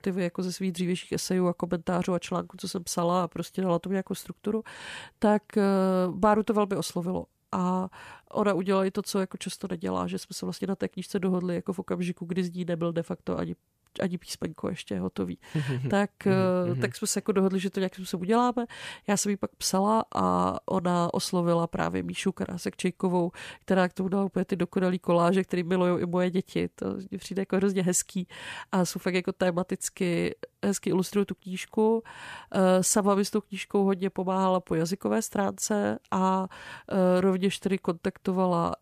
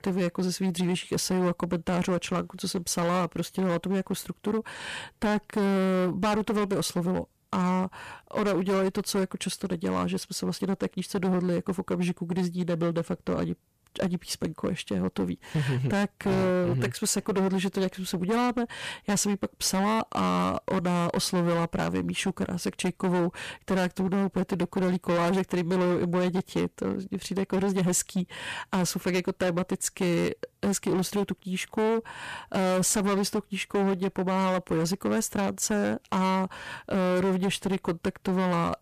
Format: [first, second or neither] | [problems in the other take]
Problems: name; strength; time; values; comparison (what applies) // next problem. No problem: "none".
first | distortion; heavy; 17% of the sound clipped